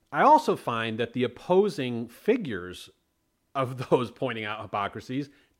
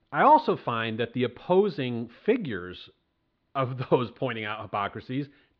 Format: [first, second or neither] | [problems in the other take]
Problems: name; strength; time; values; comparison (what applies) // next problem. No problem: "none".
first | muffled; very slightly; fading above 4 kHz